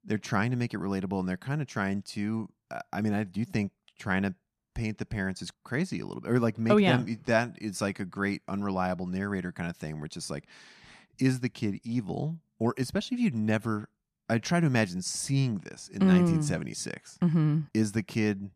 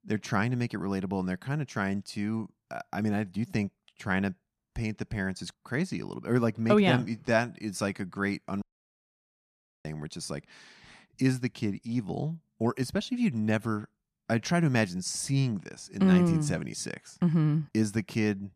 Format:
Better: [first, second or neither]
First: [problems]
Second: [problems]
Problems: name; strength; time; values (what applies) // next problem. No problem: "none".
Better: first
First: none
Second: audio cutting out; at 8.5 s for 1 s